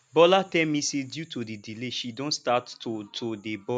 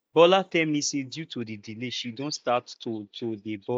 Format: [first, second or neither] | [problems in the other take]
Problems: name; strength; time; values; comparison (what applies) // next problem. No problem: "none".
first | noise reduction (neural mask model DeepFilterNet 3)